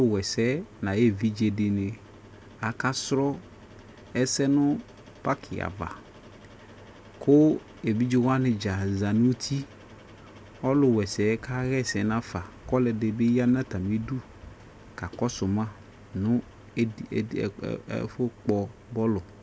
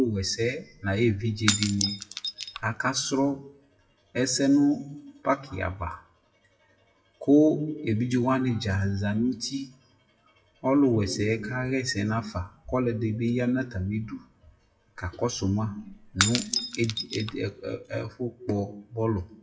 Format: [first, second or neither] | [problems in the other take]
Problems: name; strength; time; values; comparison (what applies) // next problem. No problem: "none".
first | noise reduction (classical method WPE with log-MMSE)